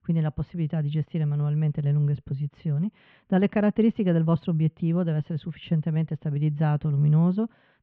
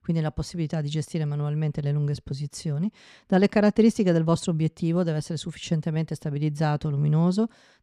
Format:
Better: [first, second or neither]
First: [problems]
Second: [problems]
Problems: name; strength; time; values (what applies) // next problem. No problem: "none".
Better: second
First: muffled; very; fading above 3 kHz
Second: none